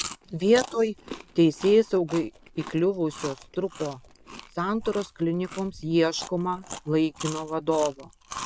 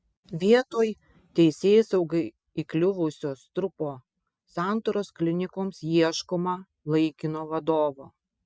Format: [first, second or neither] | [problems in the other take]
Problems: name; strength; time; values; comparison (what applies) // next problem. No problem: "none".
second | background sound (Chewing, mastication); 15 dB below the speech